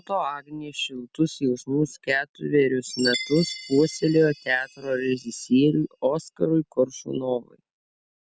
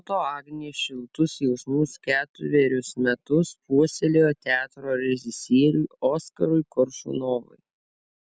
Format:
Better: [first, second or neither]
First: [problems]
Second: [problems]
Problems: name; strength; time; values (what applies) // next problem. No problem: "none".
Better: second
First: background sound (Chime); 16 dB below the speech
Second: none